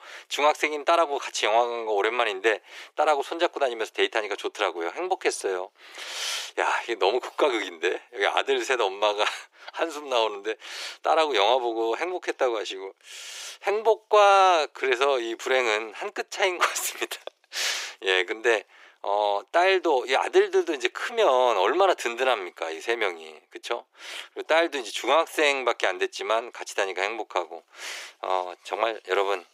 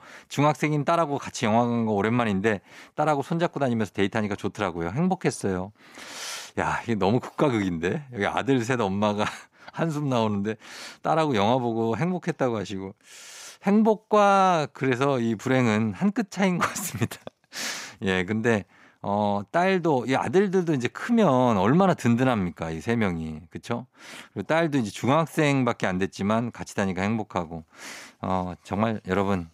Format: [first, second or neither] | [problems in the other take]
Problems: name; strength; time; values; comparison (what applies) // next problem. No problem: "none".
second | thin; very; fading below 350 Hz